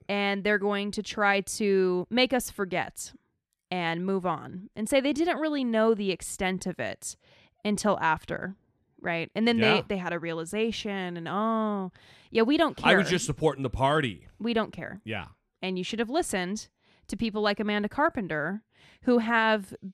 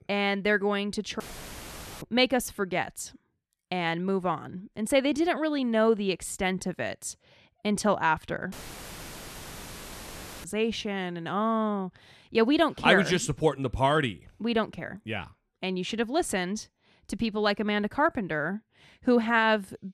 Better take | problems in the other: first | audio cutting out; filled with static; at 1 s for 1 s and at 8.5 s for 2 s

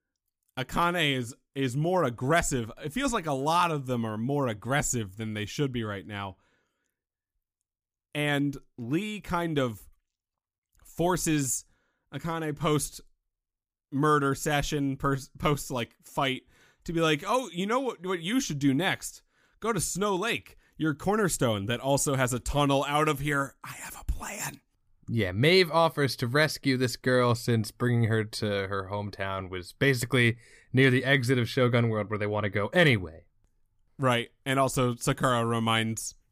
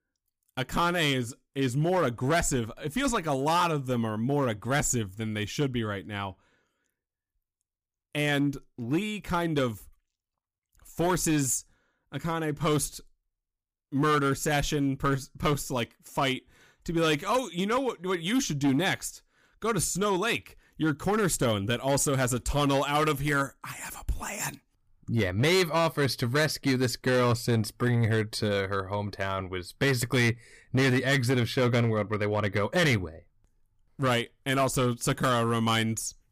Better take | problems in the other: first | distortion; slight; 6% of the sound clipped

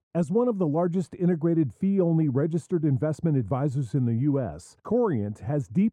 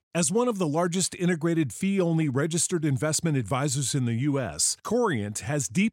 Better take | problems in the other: second | muffled; very; fading above 1.5 kHz

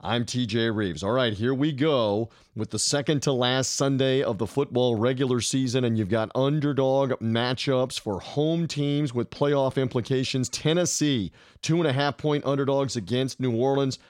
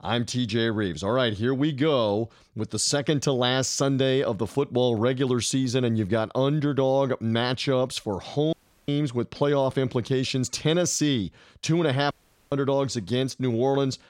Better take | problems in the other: first | audio cutting out; at 8.5 s and at 12 s

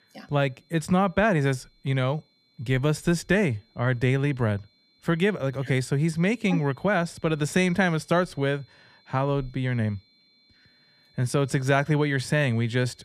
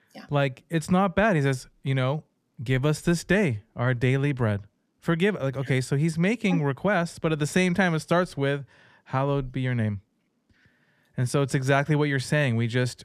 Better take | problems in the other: second | high-pitched whine; faint; throughout; 4 kHz, 35 dB below the speech

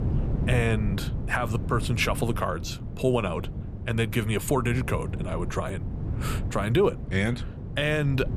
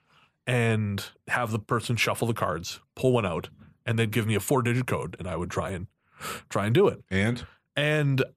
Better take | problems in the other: second | wind noise on the microphone; occasional gusts; 15 dB below the speech

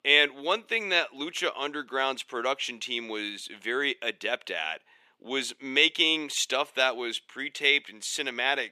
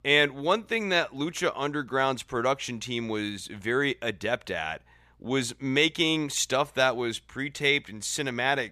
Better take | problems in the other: second | thin; very slightly; fading below 300 Hz

